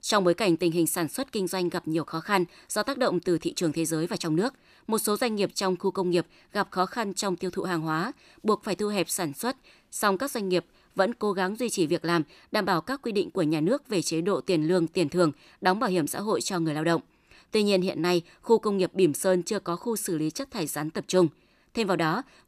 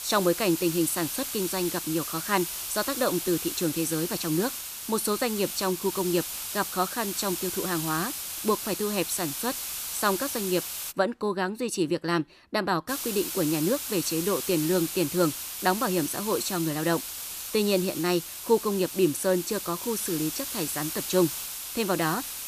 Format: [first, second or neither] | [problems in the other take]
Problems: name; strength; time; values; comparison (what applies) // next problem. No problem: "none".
first | hiss; loud; until 11 s and from 13 s on; 4 dB below the speech